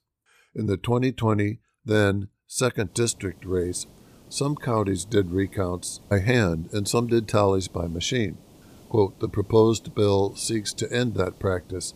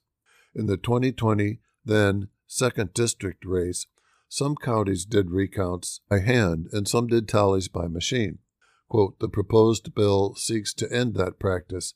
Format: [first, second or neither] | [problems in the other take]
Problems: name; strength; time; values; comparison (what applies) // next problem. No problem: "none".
second | hiss; faint; from 3 s on; 25 dB below the speech